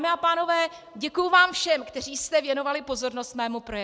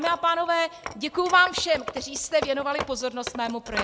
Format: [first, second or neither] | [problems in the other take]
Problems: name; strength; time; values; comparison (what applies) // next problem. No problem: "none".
first | background sound (Wood); 11 dB below the speech